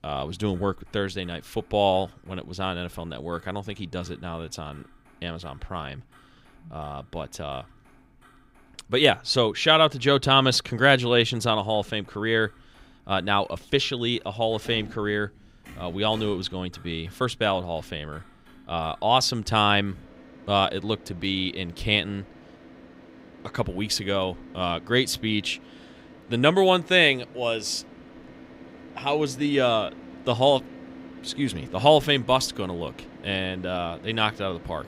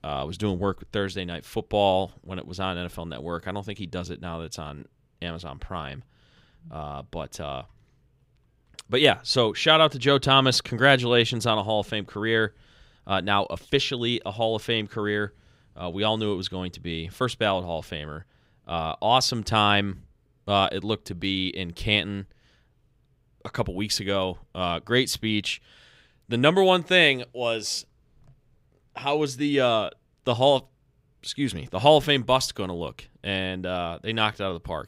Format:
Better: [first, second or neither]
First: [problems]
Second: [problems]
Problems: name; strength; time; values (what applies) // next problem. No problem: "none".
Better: second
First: traffic noise; faint; throughout; 25 dB below the speech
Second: none